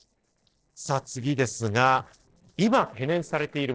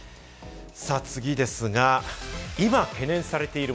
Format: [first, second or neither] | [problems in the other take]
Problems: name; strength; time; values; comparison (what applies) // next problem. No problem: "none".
second | noise reduction (neural separator model SepFormer DNS4)